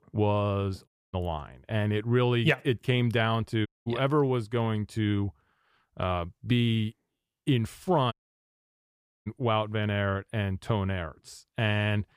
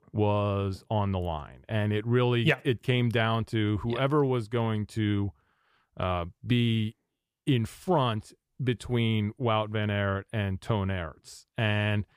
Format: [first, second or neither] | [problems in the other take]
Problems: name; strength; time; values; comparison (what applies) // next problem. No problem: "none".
second | audio cutting out; at 1 s, at 3.5 s and at 8 s for 1 s